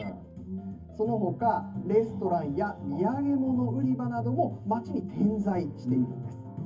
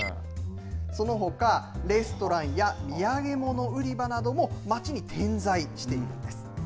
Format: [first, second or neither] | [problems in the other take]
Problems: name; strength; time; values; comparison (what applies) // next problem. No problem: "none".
second | room echo; dies away in 0.3 s